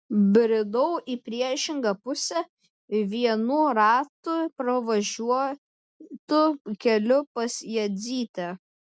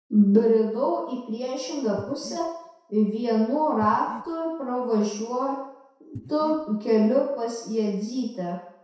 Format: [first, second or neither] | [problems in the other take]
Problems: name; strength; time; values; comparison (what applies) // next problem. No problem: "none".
first | background sound (Breathing); 16 dB below the speech // room echo; dies away in 0.7 s